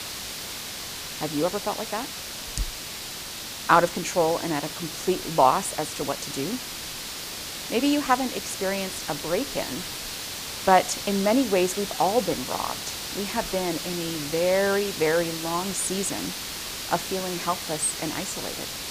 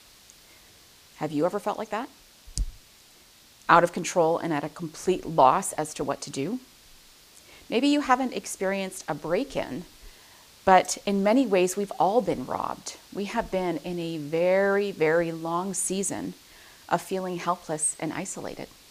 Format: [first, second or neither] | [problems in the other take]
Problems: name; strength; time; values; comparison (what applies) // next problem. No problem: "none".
second | hiss; loud; throughout; 6 dB below the speech; faint in the second